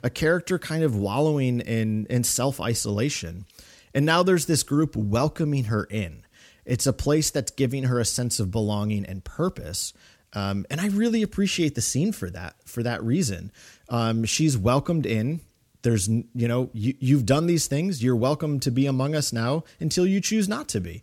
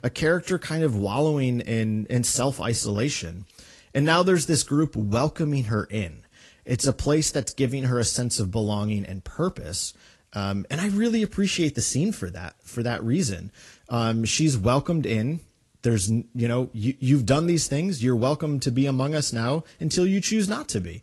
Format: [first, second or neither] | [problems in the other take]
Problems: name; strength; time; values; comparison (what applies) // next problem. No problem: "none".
first | garbled, watery; slightly; nothing above 11 kHz